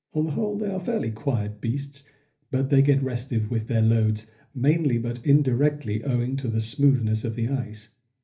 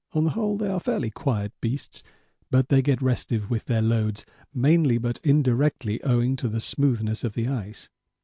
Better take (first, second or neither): second